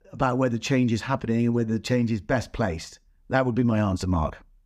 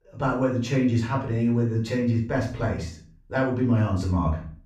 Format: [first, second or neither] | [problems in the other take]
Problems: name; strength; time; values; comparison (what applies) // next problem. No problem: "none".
first | off-mic speech; far // room echo; slight; dies away in 0.4 s